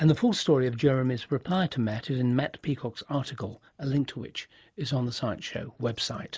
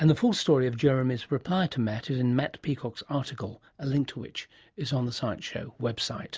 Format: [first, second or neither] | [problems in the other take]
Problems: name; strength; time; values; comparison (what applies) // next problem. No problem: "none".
second | noise reduction (neural mask model Resemble Enhance denoiser)